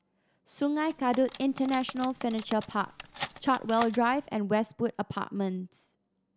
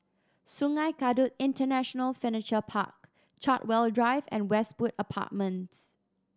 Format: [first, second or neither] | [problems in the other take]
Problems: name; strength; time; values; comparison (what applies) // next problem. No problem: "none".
second | background sound (Cutlery, silverware); 14 dB below the speech